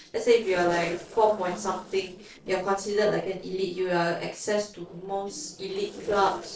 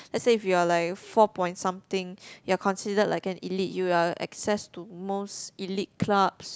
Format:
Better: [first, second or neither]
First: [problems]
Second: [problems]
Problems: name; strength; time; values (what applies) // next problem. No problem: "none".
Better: second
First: noise reduction (neural separator model SepFormer DNS4)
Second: none